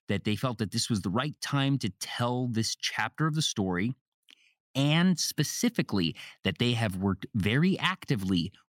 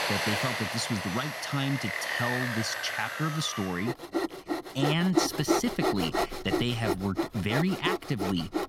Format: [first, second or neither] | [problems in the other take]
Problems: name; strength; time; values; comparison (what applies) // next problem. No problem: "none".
first | machinery noise; loud; throughout; 1 dB below the speech